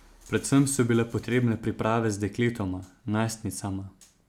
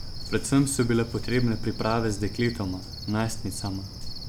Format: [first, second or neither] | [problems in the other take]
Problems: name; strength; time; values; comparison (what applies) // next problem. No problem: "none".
first | background sound (Cricket); 7 dB below the speech